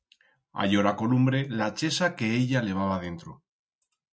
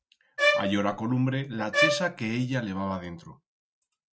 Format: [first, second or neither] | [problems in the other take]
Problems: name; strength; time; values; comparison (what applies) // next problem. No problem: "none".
first | background sound (Bowed string instrument); 1 dB above the speech